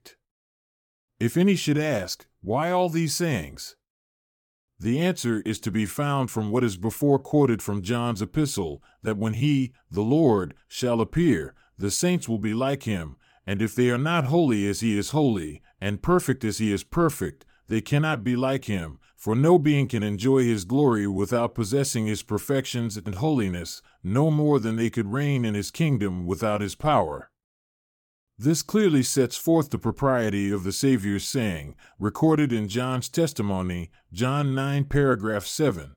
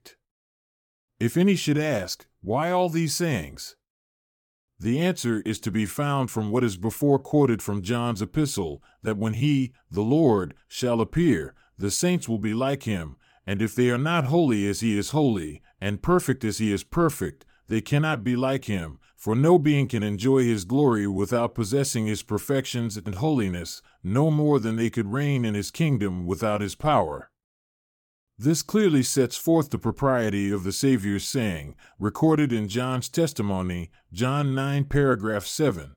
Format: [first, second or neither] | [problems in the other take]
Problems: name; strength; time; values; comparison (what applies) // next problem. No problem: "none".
neither | none